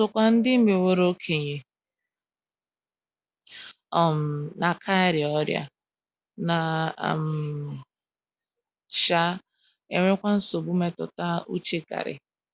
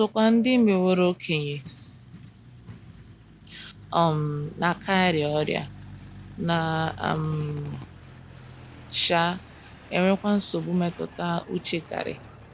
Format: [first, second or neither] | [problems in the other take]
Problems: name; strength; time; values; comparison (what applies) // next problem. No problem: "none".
first | background sound (Drill + Truck); 18 dB below the speech